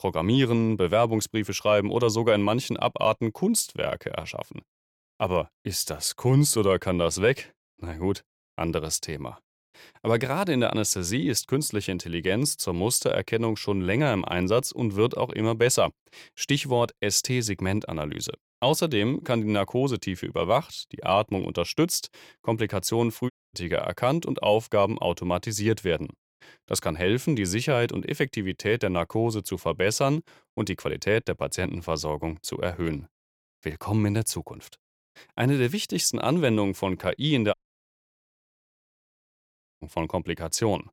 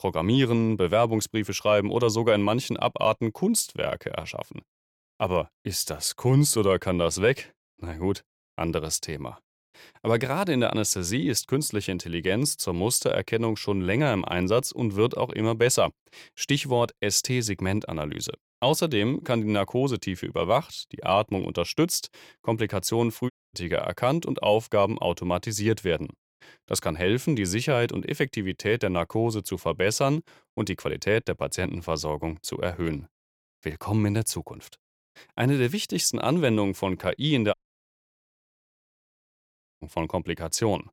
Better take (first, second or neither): neither